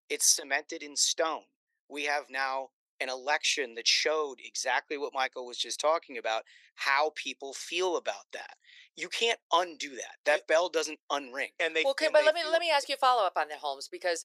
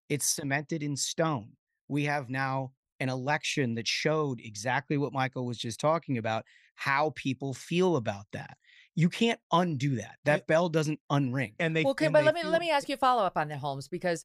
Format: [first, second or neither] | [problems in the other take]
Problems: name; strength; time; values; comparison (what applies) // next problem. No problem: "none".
second | thin; very; fading below 400 Hz